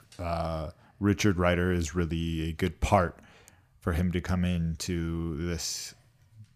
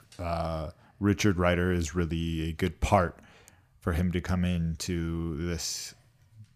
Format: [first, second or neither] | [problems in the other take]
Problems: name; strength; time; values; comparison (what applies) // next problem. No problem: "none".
neither | none